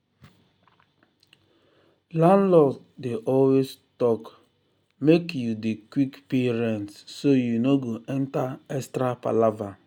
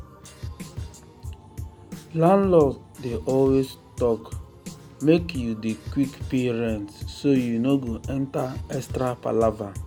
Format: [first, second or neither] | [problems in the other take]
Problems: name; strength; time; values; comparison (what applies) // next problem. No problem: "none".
first | background sound (Drum kit); 13 dB below the speech